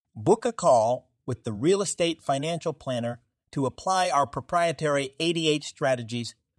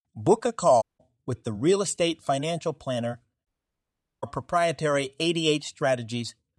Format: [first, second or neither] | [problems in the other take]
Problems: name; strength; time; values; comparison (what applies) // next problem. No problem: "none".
first | audio cutting out; at 1 s and at 3.5 s for 1 s